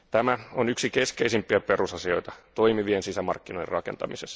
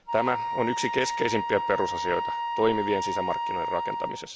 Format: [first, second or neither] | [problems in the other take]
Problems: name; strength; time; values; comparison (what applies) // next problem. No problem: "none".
first | background sound (Wind instrument, woodwind instrument); 2 dB below the speech